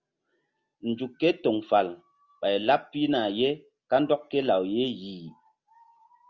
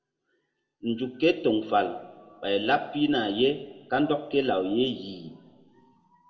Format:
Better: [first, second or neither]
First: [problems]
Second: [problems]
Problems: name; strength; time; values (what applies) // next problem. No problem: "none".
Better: first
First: none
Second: room echo; dies away in 1.1 s